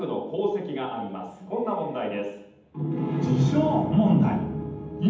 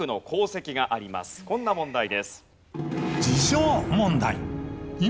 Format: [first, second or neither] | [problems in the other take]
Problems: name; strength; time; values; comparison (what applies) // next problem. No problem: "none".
second | room echo; dies away in 0.8 s